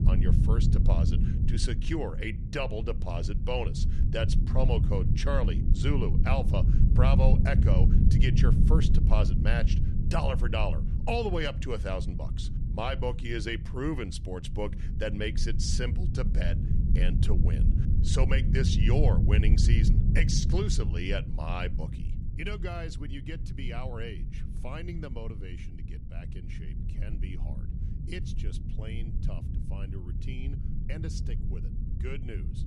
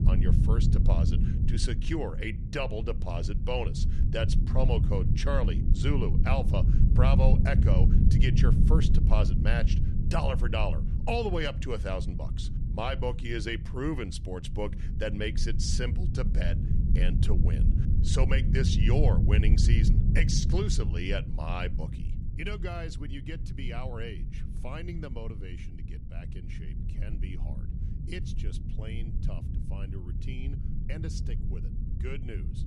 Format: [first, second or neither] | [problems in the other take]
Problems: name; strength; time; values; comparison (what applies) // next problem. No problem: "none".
neither | low rumble; loud; throughout; 7 dB below the speech; the same in both